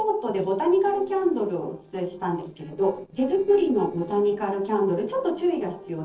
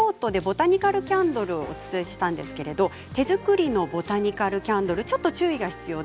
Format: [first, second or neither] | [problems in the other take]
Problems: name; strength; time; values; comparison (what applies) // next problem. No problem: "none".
second | noise reduction (neural separator model SepFormer DNS4)